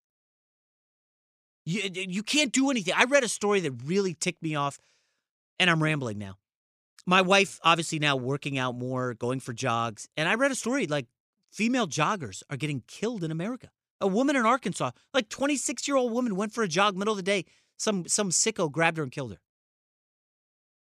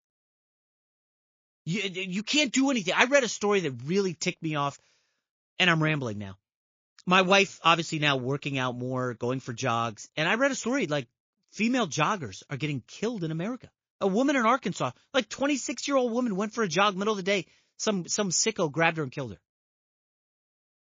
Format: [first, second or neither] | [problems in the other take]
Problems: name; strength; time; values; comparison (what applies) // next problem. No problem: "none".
first | garbled, watery; slightly